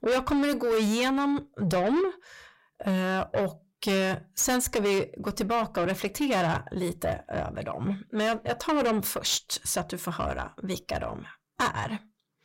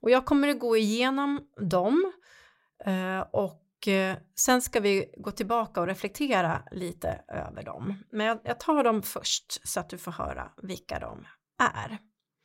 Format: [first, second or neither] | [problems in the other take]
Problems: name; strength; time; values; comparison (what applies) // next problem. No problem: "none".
second | distortion; heavy; 7 dB below the speech